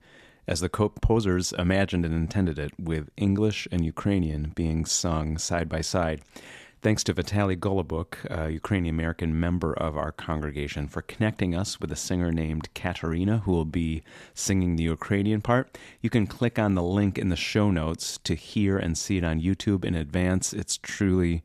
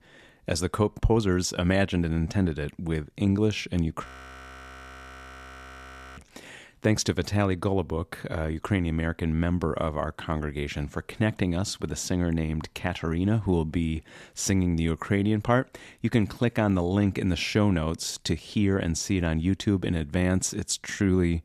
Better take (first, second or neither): first